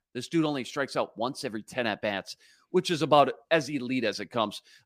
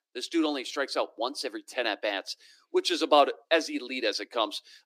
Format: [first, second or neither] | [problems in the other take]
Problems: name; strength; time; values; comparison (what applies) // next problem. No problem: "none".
first | thin; very slightly; fading below 300 Hz